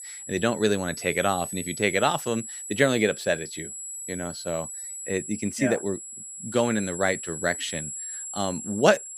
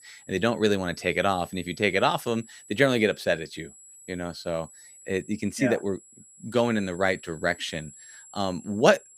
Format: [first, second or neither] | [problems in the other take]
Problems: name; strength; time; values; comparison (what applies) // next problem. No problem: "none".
second | high-pitched whine; loud; throughout; 8 kHz, 8 dB below the speech; faint in the second